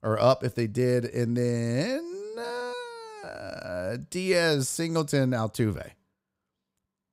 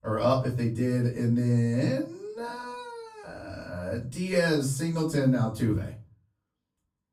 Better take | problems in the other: first | off-mic speech; far // room echo; slight; dies away in 0.3 s

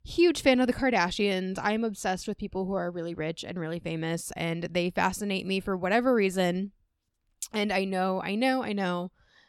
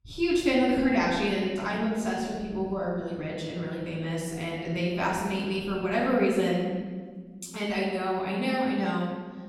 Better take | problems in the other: first | room echo; noticeable; dies away in 1.6 s // off-mic speech; far

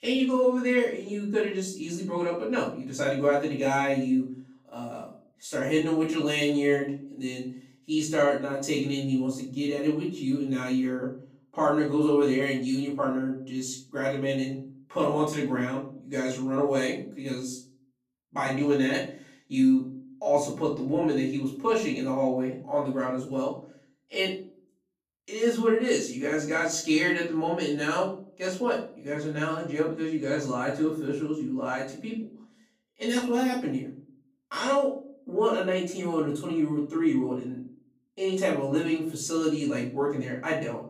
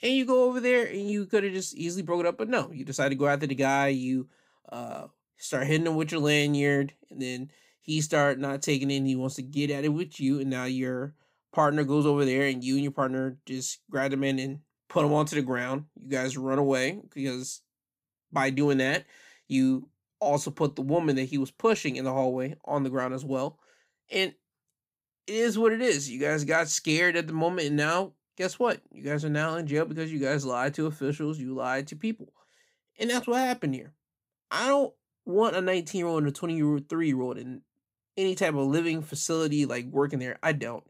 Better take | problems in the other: second | off-mic speech; far // room echo; slight; dies away in 0.4 s

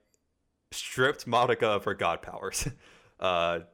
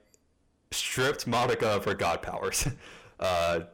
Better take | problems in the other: first | distortion; heavy; 6 dB below the speech

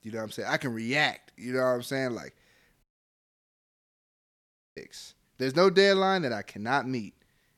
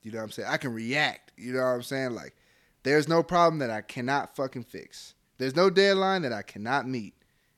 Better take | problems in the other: second | audio cutting out; at 3 s for 2 s

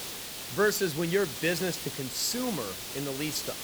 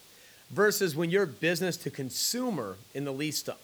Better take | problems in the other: second | hiss; loud; throughout; 5 dB below the speech; faint in the second

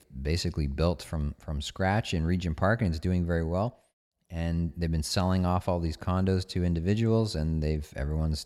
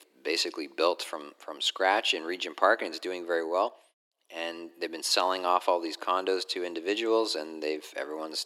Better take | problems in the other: first | thin; very; fading below 300 Hz

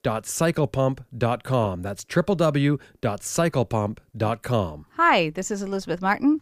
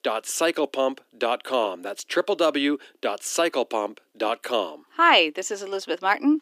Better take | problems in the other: first | thin; very slightly; fading below 300 Hz

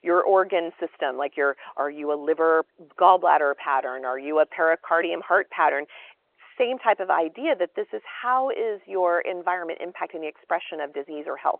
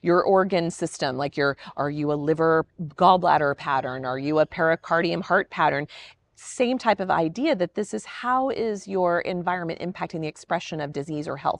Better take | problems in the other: second | phone-call audio

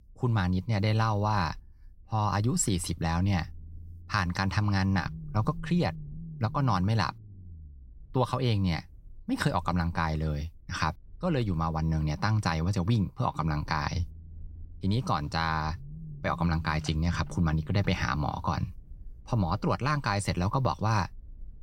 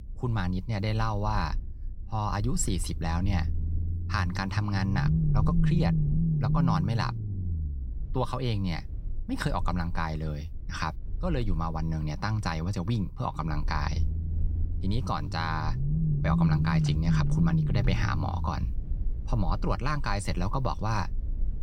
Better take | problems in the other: first | low rumble; loud; throughout; 6 dB below the speech; faint in the first

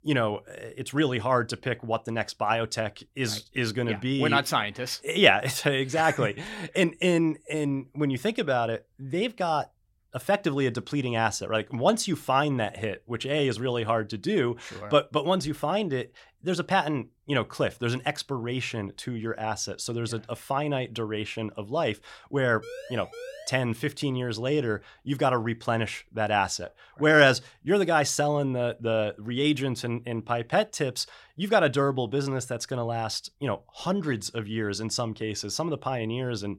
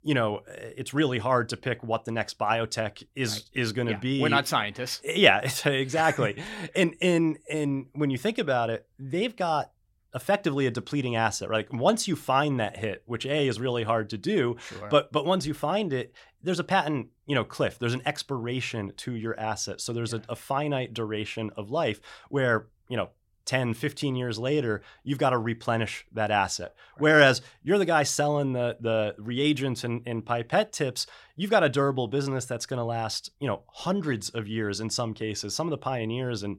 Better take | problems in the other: second | siren; faint; from 23 to 24 s; peak 15 dB below the speech

